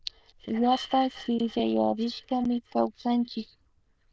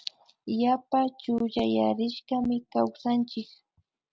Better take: second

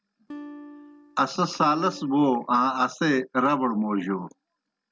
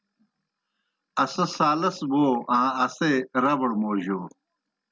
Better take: second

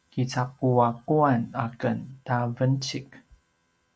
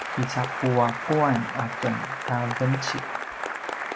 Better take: first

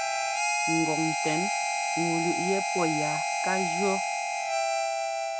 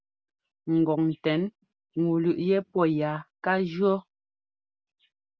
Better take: second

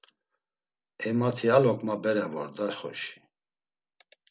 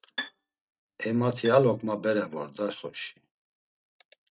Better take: first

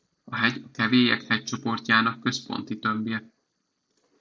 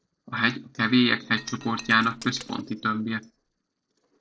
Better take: first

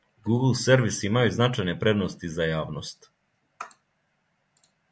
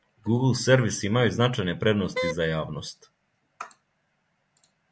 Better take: first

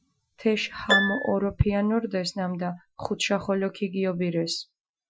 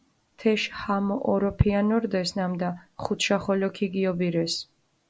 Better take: second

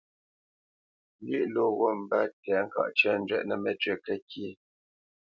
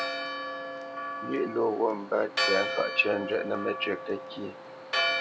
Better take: first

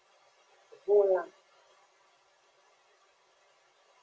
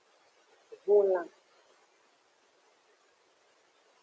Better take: second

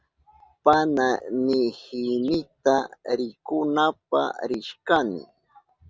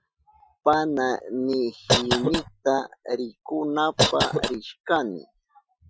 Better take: first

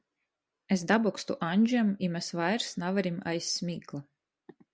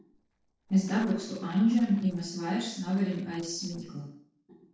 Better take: first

